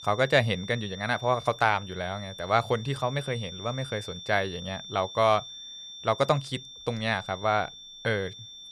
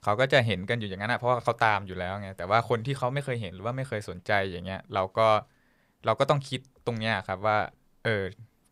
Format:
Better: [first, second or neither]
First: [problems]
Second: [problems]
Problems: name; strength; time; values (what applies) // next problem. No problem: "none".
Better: second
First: high-pitched whine; noticeable; throughout; 3.5 kHz, 15 dB below the speech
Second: none